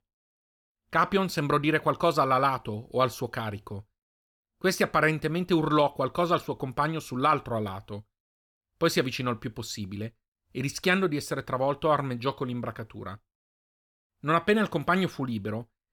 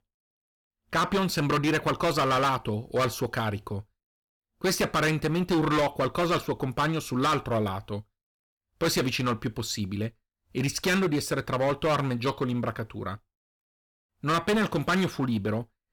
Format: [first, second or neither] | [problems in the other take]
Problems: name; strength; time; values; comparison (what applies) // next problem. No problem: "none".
first | distortion; heavy; 11% of the sound clipped